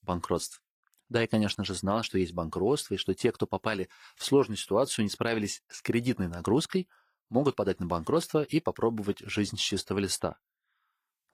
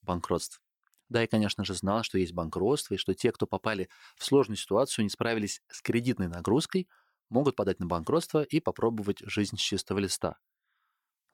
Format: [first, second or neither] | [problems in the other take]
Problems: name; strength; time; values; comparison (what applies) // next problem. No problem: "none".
second | garbled, watery; slightly; nothing above 14.5 kHz